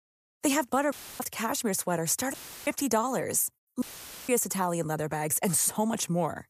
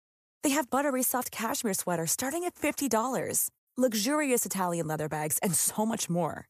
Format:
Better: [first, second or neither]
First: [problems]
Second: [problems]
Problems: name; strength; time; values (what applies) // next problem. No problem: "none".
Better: second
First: audio cutting out; filled with static; at 1 s, at 2.5 s and at 4 s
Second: none